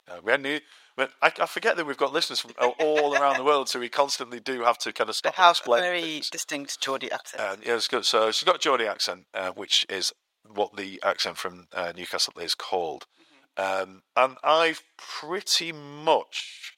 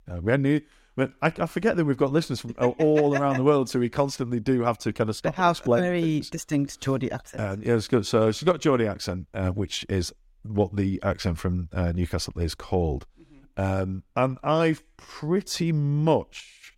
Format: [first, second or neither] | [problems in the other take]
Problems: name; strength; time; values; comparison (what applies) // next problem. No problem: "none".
second | thin; very; fading below 750 Hz